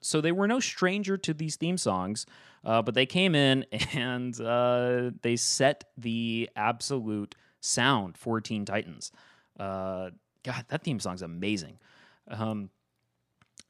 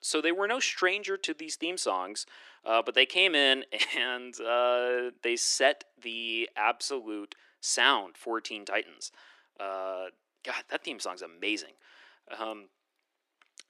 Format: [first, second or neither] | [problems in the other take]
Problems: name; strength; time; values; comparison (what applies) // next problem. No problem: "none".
first | thin; very; fading below 300 Hz